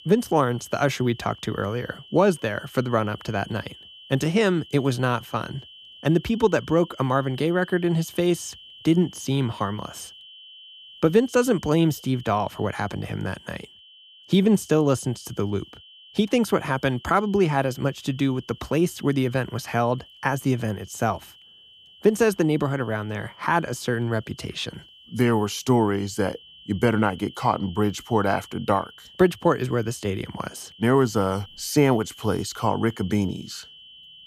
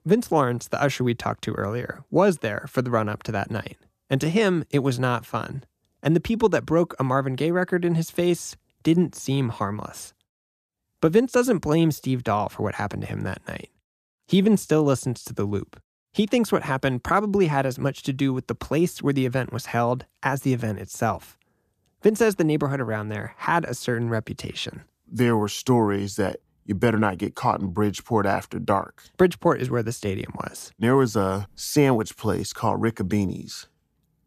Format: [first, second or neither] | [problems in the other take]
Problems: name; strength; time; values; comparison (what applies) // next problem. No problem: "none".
second | high-pitched whine; faint; throughout; 3 kHz, 20 dB below the speech